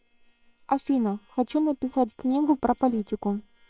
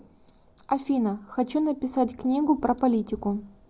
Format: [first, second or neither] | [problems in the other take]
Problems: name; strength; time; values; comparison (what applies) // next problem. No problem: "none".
second | noise reduction (neural separator model SepFormer WHAM!)